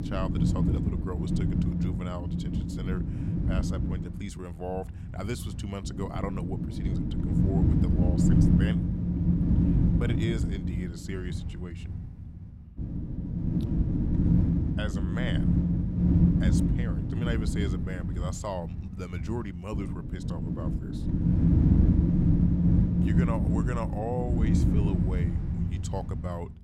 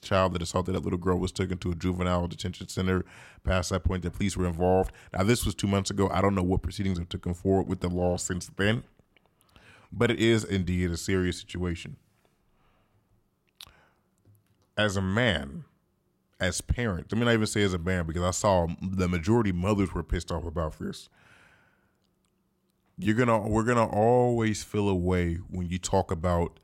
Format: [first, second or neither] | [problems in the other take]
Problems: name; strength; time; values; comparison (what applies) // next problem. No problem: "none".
second | wind noise on the microphone; heavy; 3 dB above the speech